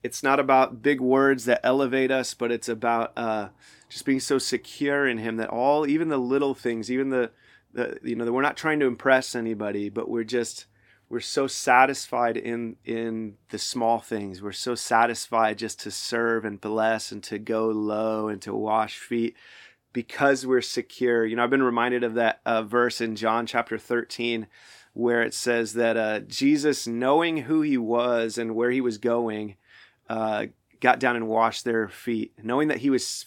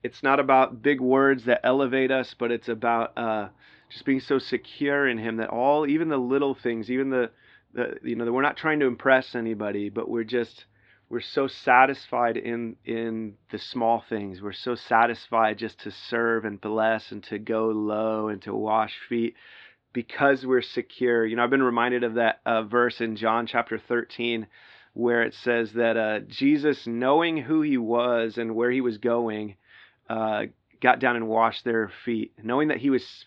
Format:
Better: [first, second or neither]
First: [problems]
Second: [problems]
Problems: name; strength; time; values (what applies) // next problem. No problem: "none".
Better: first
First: none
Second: muffled; slightly; fading above 4 kHz